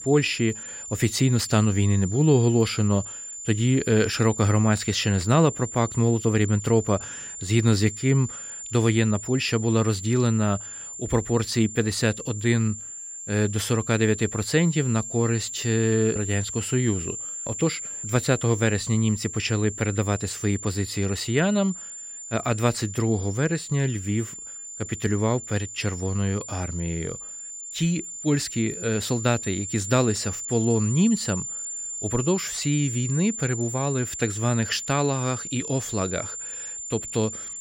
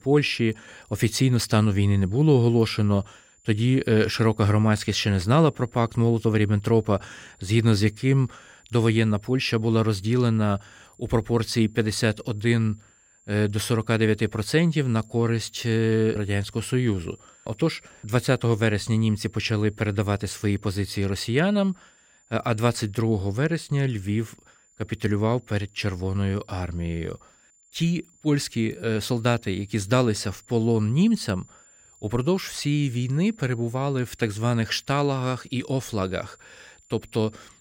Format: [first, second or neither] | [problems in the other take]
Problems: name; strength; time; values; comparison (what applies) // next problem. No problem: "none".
second | high-pitched whine; loud; throughout; 7 kHz, 8 dB below the speech; faint in the second